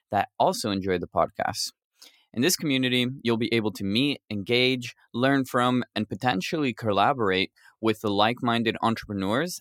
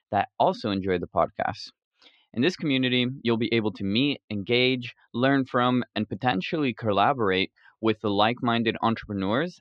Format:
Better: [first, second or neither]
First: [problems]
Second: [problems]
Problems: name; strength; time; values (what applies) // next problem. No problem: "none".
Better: first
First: none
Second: muffled; slightly; fading above 3.5 kHz